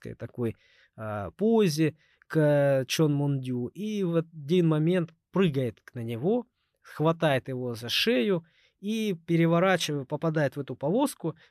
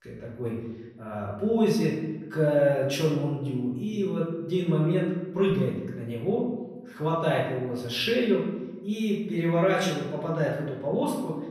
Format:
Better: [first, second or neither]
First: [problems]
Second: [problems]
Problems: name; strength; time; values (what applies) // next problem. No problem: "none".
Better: first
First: none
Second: room echo; noticeable; dies away in 0.9 s // off-mic speech; far